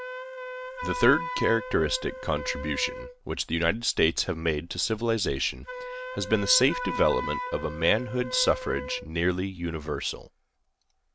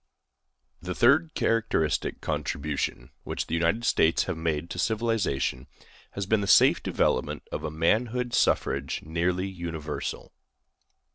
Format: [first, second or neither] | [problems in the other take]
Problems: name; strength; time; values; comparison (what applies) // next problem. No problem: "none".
second | background sound (Wind instrument, woodwind instrument); 10 dB below the speech